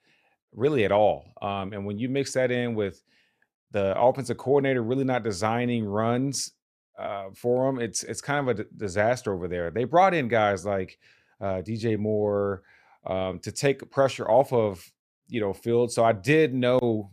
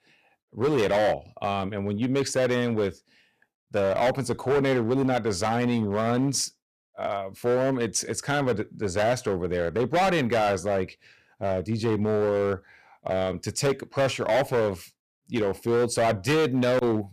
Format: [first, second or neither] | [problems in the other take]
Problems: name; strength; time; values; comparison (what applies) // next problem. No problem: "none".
first | distortion; heavy; 12% of the sound clipped